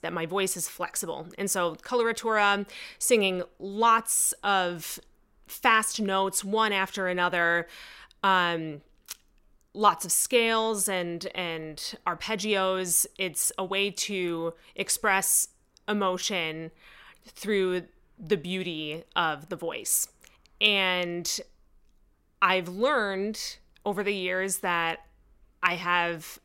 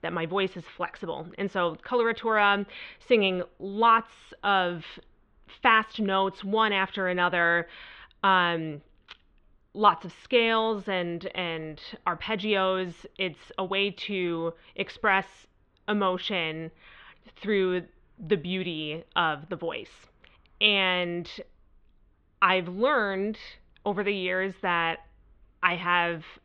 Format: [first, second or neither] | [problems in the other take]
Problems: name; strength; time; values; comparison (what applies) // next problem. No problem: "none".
first | muffled; very; fading above 3.5 kHz